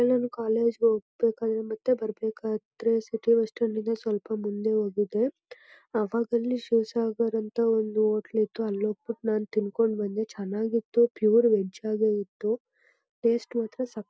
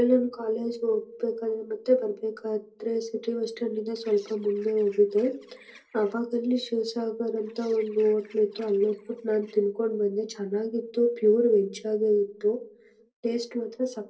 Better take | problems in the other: first | noise reduction (neural separator model SepFormer DNS4)

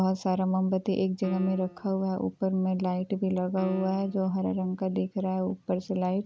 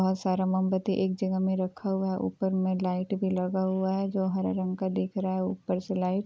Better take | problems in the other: second | background sound (Piano); 16 dB below the speech

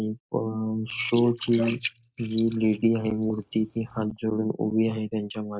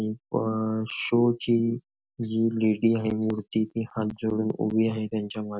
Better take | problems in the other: second | noise reduction (neural mask model Resemble Enhance denoiser)

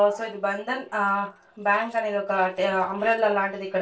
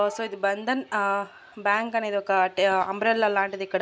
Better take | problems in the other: second | noise reduction (neural separator model SepFormer DNS4)

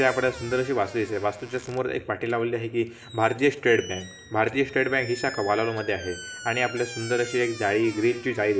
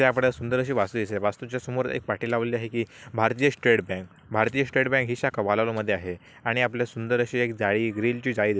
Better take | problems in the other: second | background sound (Squeak); 17 dB below the speech // room echo; dies away in 1.3 s

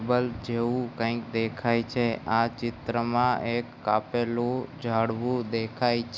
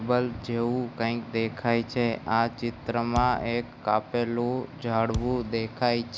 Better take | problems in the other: first | background sound (Thump, thud); 10 dB below the speech

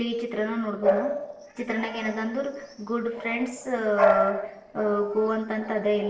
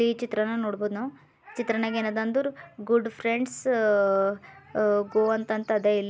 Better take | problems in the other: second | noise reduction (neural separator model SepFormer DNS4)

